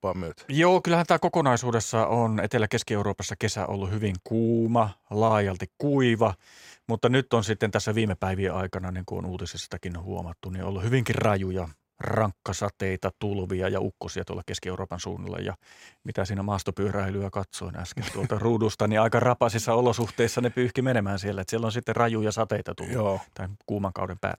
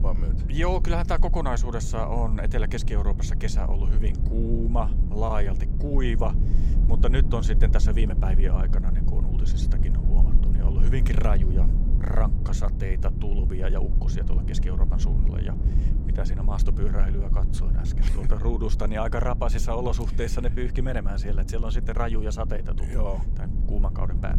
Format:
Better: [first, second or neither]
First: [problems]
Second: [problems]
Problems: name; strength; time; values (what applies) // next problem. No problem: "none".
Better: first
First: none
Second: low rumble; loud; throughout; 8 dB below the speech